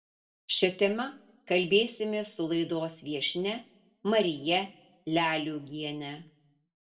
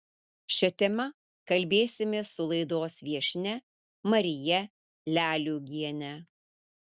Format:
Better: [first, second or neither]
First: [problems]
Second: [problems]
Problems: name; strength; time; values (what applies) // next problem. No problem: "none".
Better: second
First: room echo; dies away in 0.4 s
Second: none